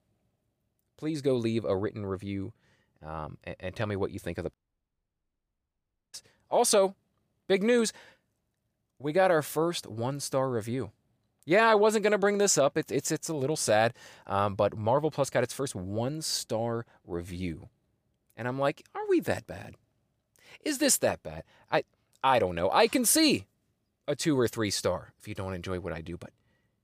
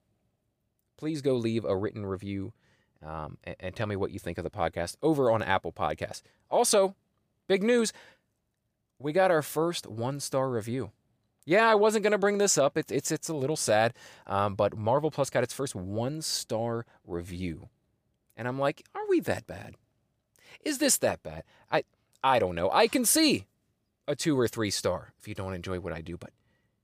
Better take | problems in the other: second | audio cutting out; at 4.5 s for 1.5 s

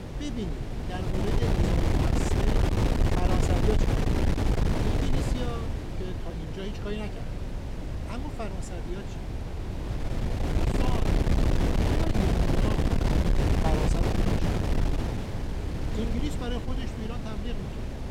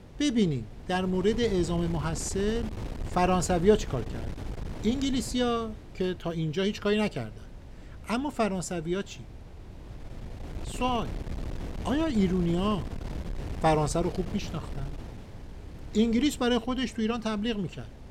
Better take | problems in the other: second | wind noise on the microphone; heavy; 4 dB above the speech; occasional gusts in the second

